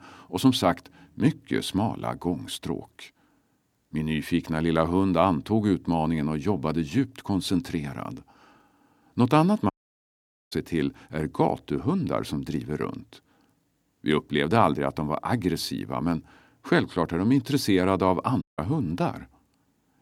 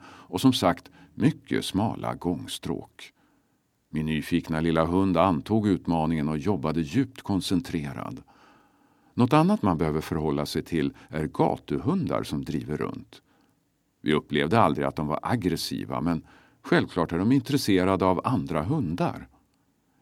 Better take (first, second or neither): second